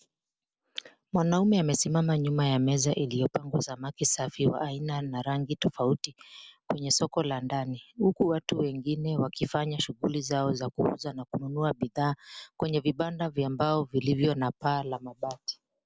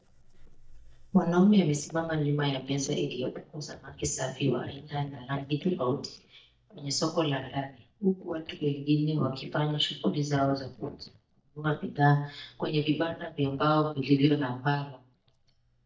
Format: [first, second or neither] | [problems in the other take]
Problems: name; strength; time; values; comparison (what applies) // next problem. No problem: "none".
first | noise reduction (neural mask model DeepFilterNet 3)